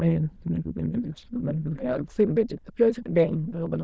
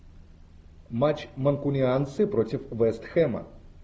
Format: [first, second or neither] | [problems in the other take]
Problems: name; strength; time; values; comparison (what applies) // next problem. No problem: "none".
second | noise reduction (neural diffusion model UNIVERSE++)